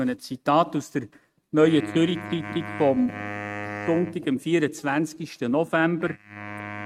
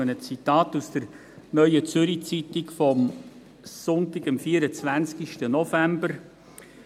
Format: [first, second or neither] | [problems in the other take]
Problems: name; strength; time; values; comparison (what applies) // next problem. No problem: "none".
second | noise reduction (neural mask model RNNoise)